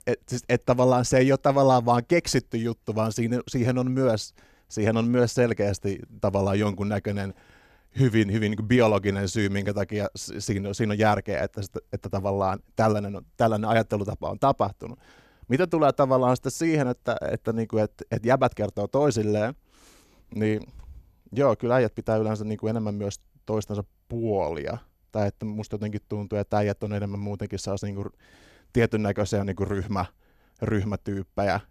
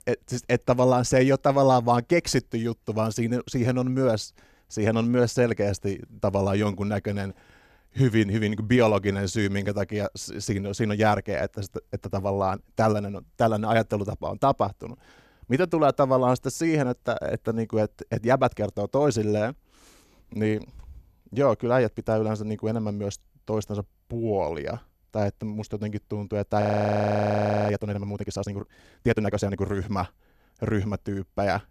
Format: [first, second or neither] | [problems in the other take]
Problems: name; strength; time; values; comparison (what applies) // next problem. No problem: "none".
first | audio freezing; at 27 s for 1 s